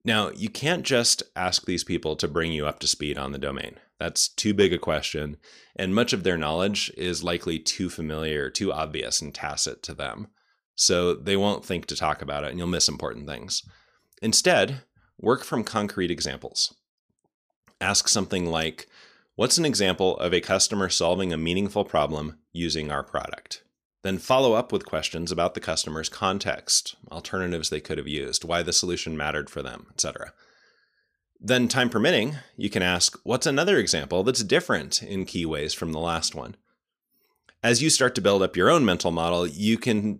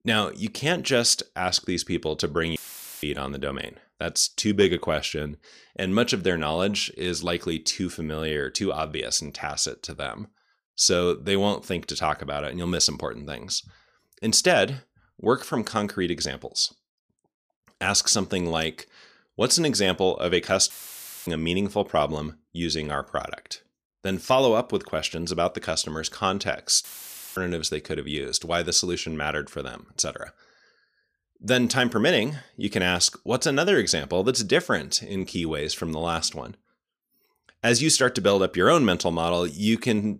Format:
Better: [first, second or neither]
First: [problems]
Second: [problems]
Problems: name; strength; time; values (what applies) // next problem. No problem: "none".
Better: first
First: none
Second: audio cutting out; filled with static; at 2.5 s, at 21 s for 0.5 s and at 27 s for 0.5 s